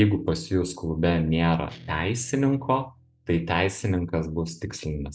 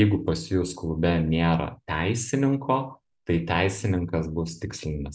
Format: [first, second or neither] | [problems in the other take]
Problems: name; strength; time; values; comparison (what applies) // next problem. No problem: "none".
second | noise reduction (neural mask model DeepFilterNet 3)